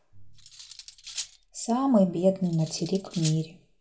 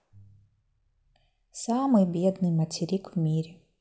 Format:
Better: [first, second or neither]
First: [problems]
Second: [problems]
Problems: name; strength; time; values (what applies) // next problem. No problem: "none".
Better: second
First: background sound (Cutlery, silverware); 14 dB below the speech // room echo; dies away in 0.2 s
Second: none